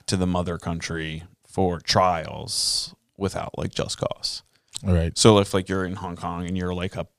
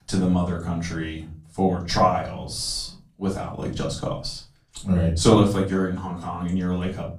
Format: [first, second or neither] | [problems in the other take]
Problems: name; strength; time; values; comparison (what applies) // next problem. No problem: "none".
first | off-mic speech; far // room echo; slight; dies away in 0.4 s